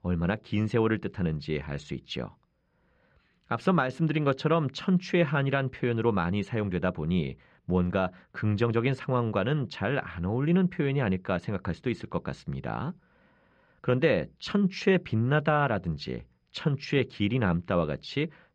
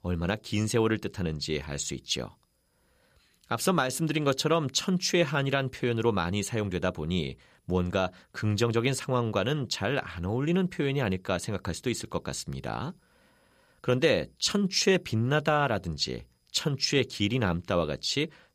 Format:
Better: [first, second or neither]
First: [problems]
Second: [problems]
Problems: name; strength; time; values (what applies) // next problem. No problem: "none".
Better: second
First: muffled; slightly; fading above 2 kHz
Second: none